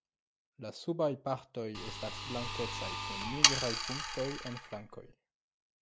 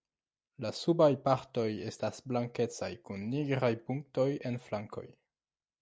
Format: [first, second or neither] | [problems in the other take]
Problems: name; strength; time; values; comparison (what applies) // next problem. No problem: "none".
second | background sound (Sawing); 5 dB above the speech